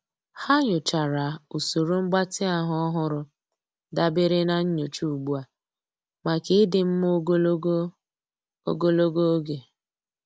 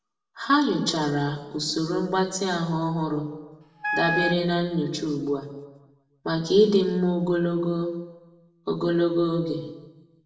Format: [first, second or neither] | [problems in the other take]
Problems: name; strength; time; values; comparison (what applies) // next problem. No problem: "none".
first | background sound (Wind instrument, woodwind instrument); 3 dB below the speech // room echo; dies away in 0.9 s